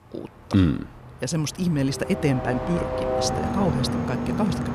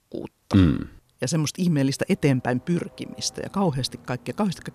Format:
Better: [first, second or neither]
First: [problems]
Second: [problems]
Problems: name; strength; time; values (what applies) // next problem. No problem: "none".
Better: second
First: train or aircraft noise; loud; throughout; 2 dB below the speech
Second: train or aircraft noise; faint; throughout; 25 dB below the speech